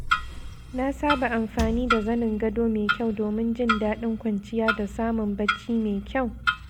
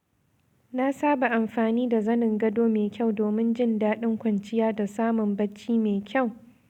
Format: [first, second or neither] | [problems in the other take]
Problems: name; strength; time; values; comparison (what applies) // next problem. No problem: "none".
second | background sound (Wood + Clock); 4 dB below the speech